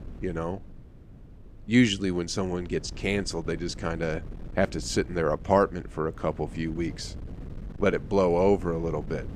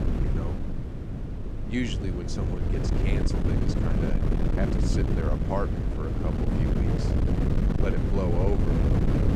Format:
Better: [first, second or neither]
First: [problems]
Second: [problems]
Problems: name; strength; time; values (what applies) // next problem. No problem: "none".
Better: first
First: wind noise on the microphone; occasional gusts; 25 dB below the speech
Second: wind noise on the microphone; heavy; 1 dB above the speech